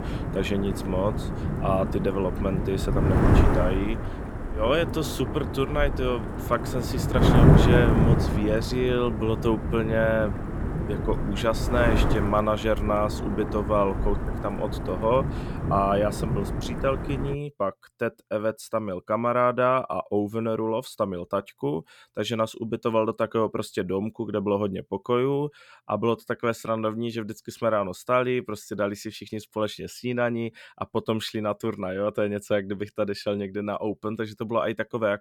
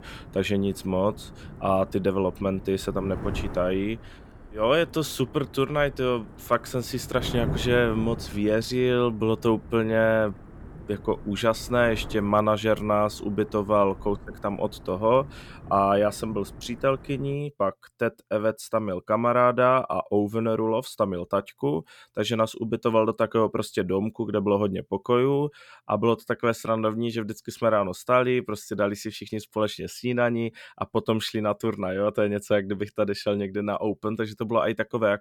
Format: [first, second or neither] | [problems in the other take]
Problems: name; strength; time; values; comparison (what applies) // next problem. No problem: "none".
second | wind noise on the microphone; heavy; until 17 s; 5 dB below the speech; occasional gusts in the second